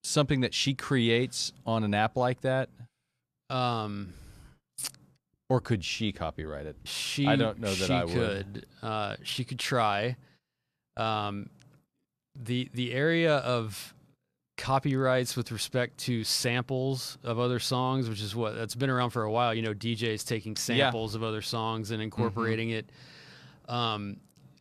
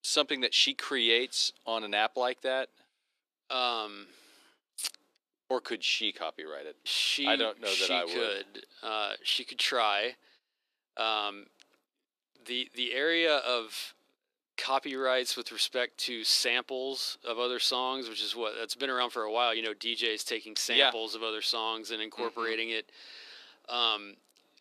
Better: first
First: none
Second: thin; somewhat; fading below 300 Hz

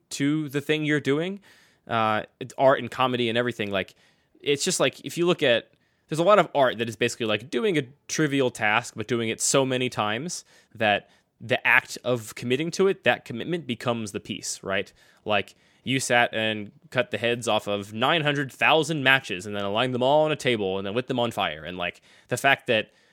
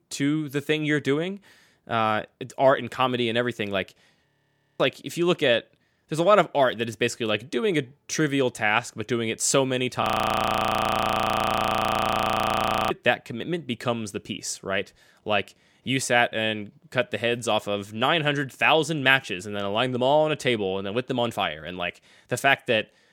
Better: first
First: none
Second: audio freezing; at 4.5 s for 0.5 s and at 10 s for 3 s

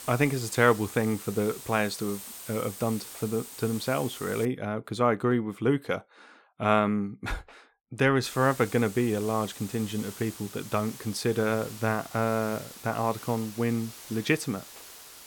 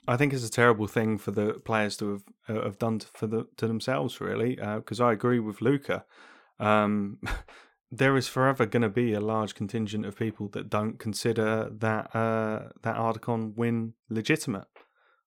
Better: second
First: hiss; noticeable; until 4.5 s and from 8 s on; 15 dB below the speech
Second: none

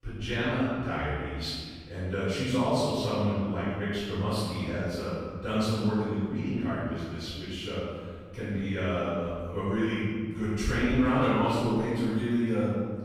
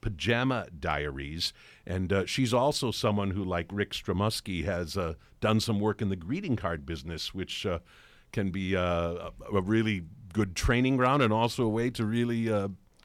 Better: second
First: off-mic speech; far // room echo; strong; dies away in 1.6 s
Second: none

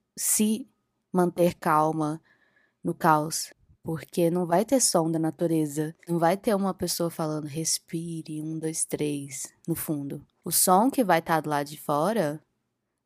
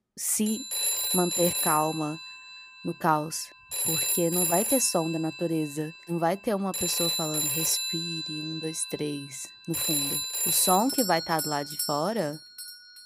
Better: first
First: none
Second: alarms or sirens; very loud; throughout; 2 dB above the speech

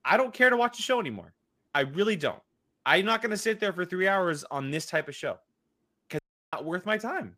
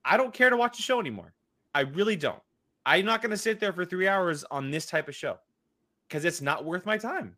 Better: second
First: audio cutting out; at 6 s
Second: none

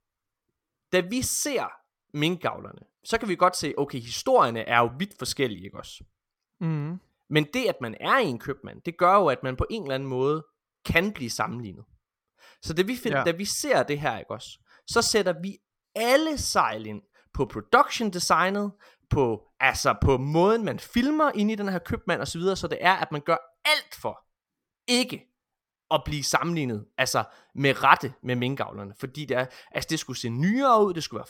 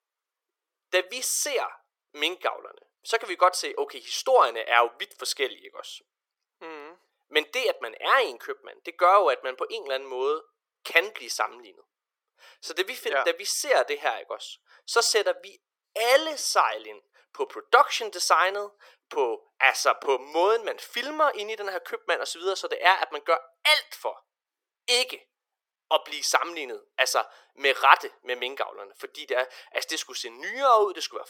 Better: first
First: none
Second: thin; very; fading below 400 Hz

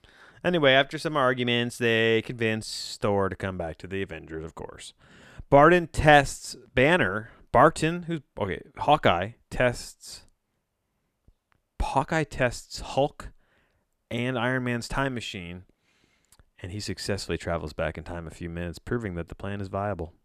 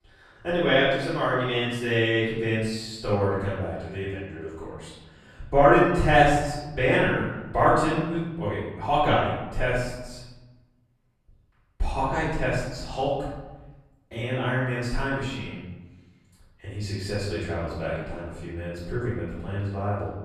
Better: first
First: none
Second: off-mic speech; far // room echo; noticeable; dies away in 1.1 s

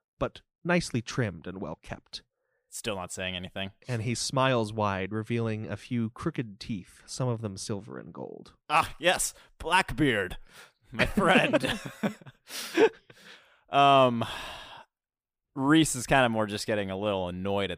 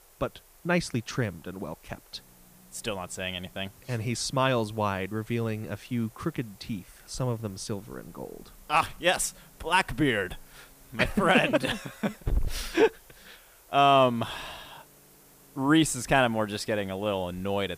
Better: first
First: none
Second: hiss; noticeable; throughout; 20 dB below the speech

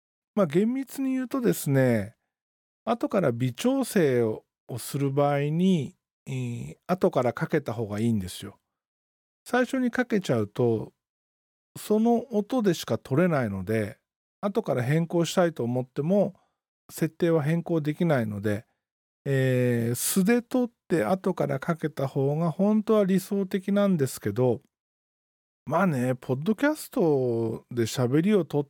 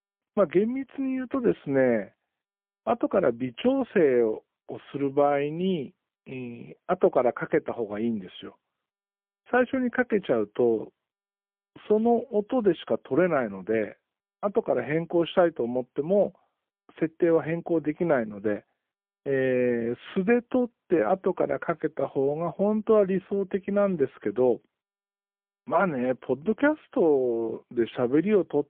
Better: first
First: none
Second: phone-call audio; poor line; nothing above 3.5 kHz

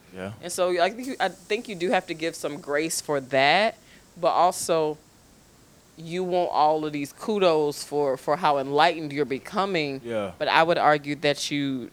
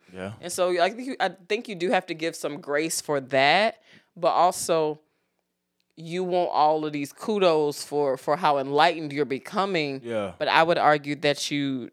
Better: second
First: hiss; faint; throughout; 30 dB below the speech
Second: none

